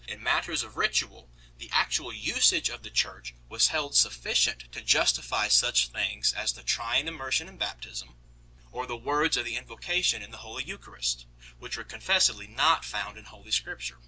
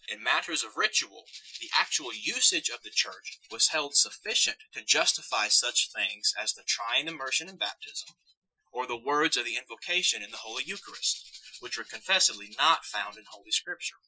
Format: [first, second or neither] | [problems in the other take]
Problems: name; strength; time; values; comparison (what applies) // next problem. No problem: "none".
first | noise reduction (classical method Wiener filter)